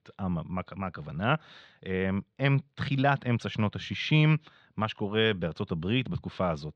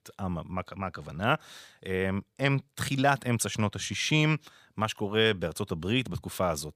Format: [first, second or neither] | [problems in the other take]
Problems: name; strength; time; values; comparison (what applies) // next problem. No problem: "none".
second | muffled; slightly; fading above 4 kHz